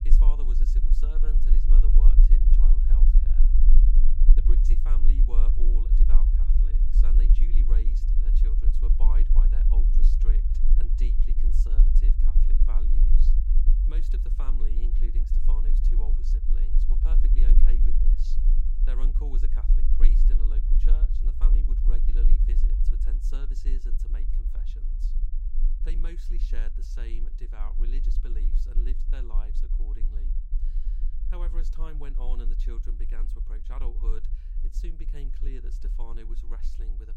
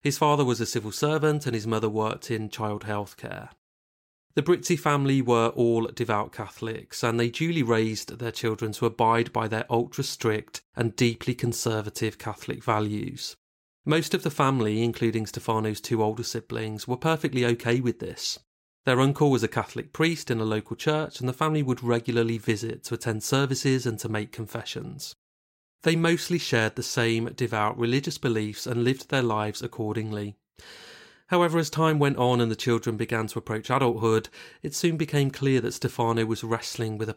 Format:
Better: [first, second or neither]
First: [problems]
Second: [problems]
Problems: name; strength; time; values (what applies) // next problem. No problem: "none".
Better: second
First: low rumble; loud; throughout; 1 dB below the speech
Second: none